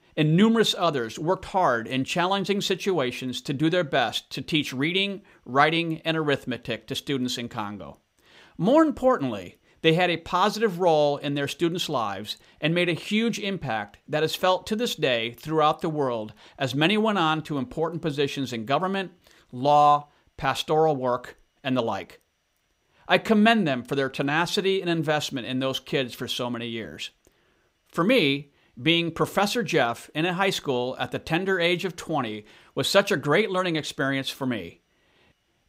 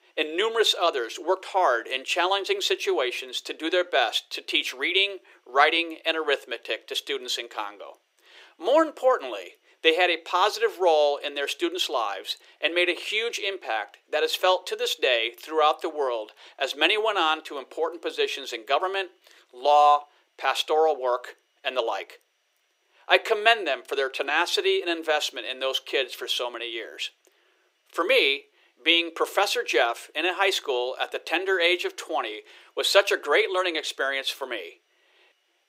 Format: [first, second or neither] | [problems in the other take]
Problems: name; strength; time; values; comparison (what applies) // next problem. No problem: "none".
first | thin; very; fading below 350 Hz